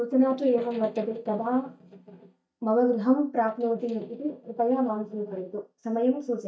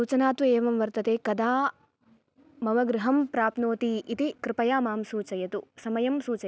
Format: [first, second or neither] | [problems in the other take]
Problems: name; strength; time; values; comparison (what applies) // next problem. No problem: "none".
second | noise reduction (neural mask model DeepFilterNet 3)